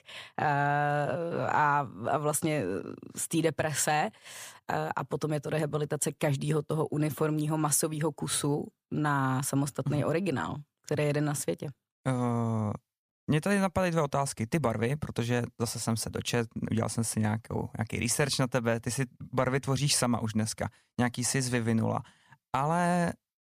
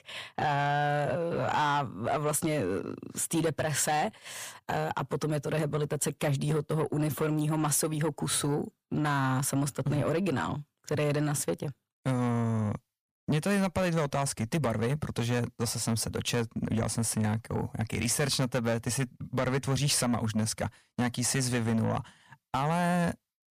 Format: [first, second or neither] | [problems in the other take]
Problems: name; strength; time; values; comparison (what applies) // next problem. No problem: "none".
first | distortion; slight; 10 dB below the speech